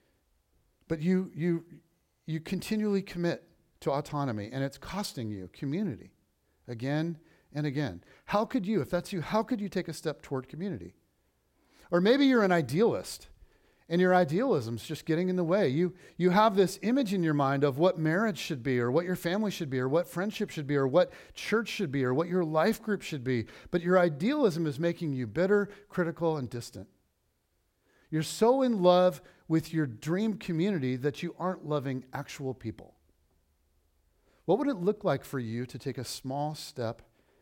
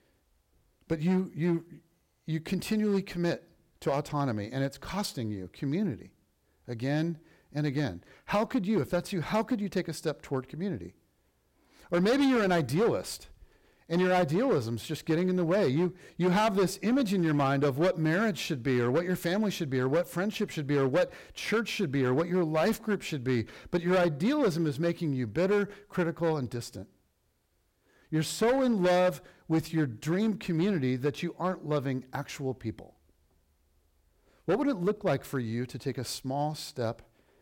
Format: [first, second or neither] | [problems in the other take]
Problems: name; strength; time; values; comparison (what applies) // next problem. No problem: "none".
first | distortion; slight; 6% of the sound clipped